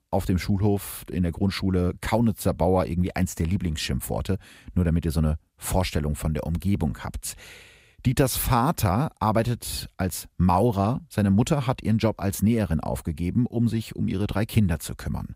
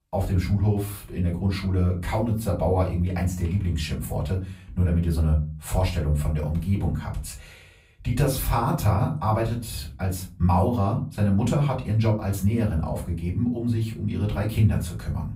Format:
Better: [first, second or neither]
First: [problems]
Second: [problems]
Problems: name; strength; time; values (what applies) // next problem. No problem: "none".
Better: first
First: none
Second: off-mic speech; far // room echo; very slight; dies away in 0.3 s